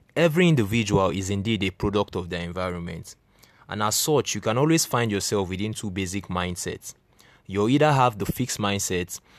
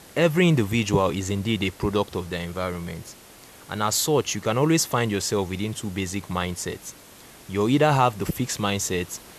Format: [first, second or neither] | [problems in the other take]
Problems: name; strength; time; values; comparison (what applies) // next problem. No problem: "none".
first | hiss; faint; throughout; 20 dB below the speech